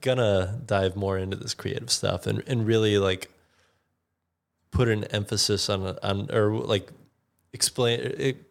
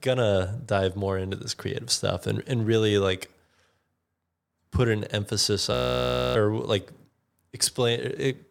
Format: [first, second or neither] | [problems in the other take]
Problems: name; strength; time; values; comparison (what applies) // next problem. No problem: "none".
first | audio freezing; at 5.5 s for 0.5 s